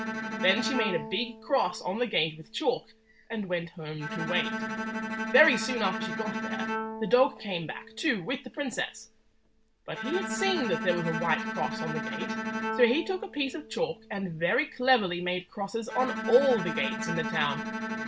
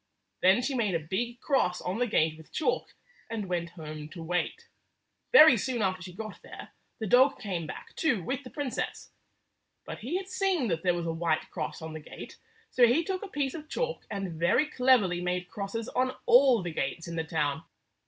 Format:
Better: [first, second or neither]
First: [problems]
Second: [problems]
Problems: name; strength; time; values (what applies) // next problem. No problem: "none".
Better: second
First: background sound (Bowed string instrument); 6 dB below the speech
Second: none